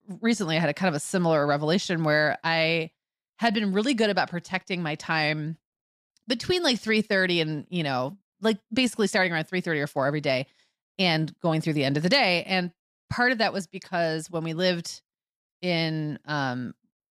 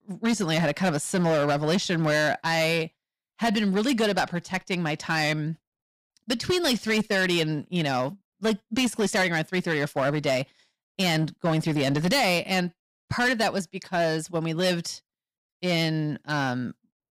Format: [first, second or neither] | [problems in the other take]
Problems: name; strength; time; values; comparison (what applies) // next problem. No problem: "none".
first | distortion; slight; 9% of the sound clipped